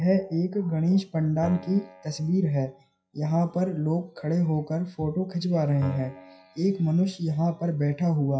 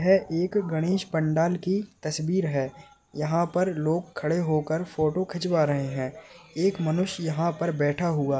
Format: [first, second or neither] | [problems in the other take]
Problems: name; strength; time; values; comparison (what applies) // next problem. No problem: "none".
second | noise reduction (classical method WPE with log-MMSE)